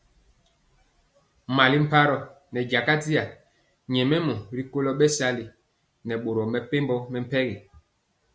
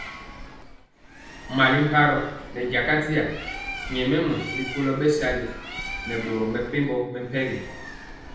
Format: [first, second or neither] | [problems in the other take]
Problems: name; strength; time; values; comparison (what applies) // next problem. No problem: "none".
first | background sound (Bird); 11 dB below the speech // room echo; dies away in 0.8 s